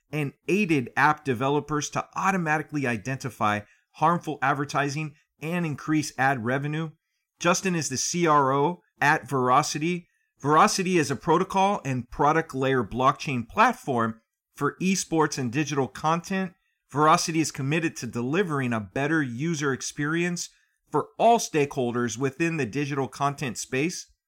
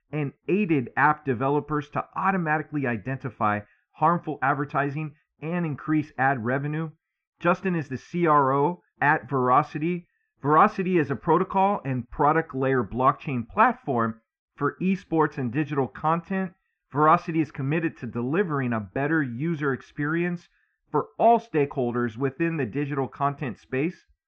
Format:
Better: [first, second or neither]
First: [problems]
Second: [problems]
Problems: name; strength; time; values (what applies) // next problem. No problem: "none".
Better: first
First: none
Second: muffled; very; fading above 2 kHz